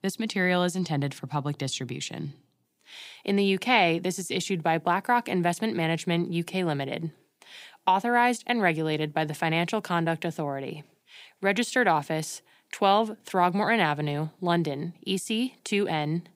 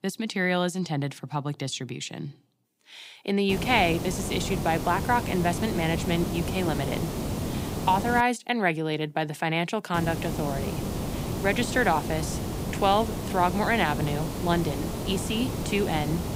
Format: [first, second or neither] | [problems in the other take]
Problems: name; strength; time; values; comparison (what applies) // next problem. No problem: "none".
first | hiss; loud; from 3.5 to 8 s and from 10 s on; 5 dB below the speech